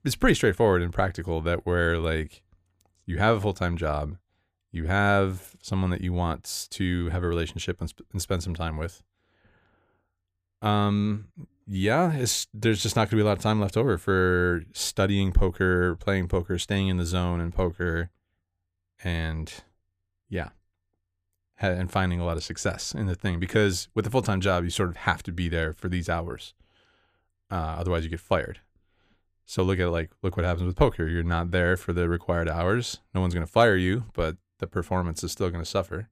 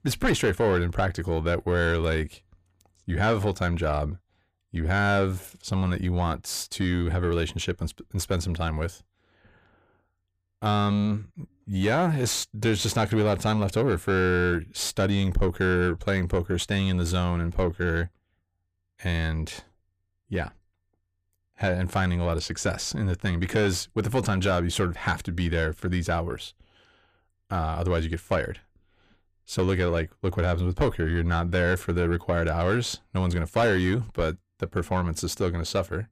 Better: first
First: none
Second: distortion; slight; 10 dB below the speech

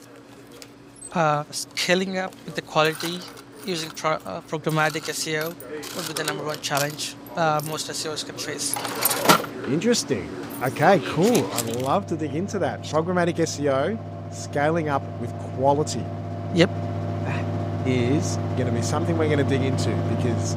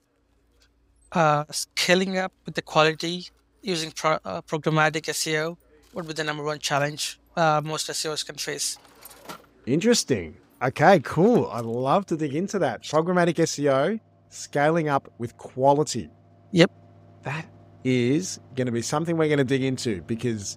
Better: second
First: machinery noise; loud; throughout; 4 dB below the speech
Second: machinery noise; faint; throughout; 30 dB below the speech

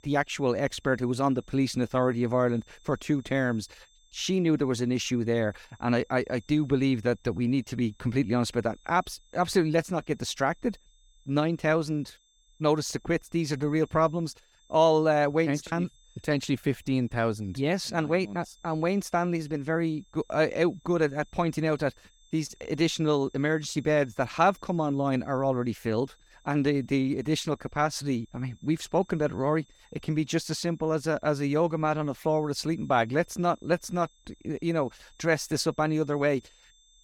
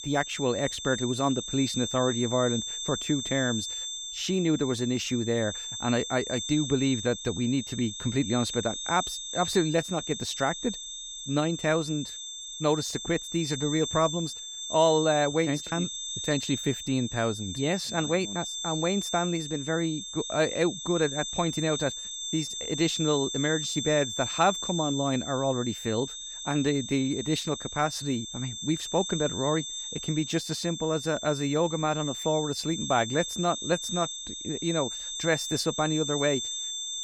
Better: first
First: high-pitched whine; faint; throughout; 3.5 kHz, 35 dB below the speech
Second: high-pitched whine; loud; throughout; 3.5 kHz, 5 dB below the speech

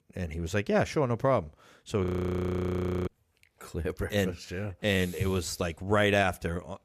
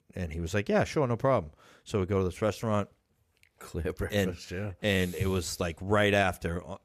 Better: second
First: audio freezing; at 2 s for 1 s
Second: none

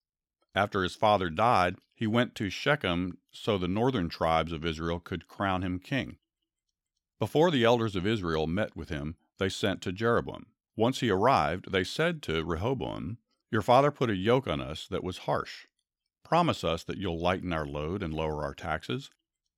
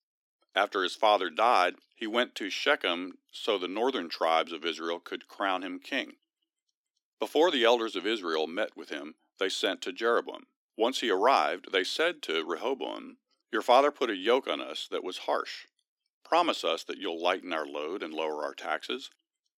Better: first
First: none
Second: thin; somewhat; fading below 300 Hz

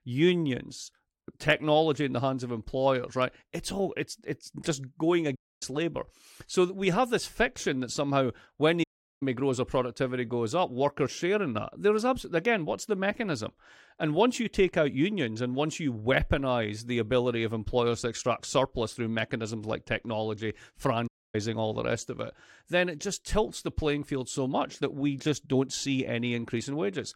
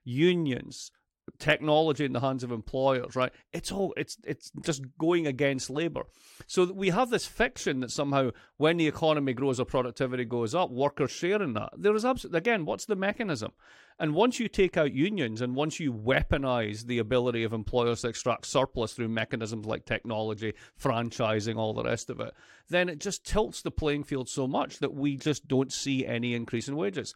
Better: second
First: audio cutting out; at 5.5 s, at 9 s and at 21 s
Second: none

